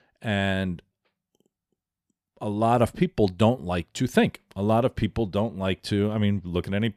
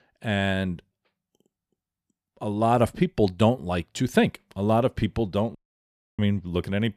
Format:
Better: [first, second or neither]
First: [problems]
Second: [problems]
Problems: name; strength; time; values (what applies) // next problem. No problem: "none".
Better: first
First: none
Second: audio cutting out; at 5.5 s for 0.5 s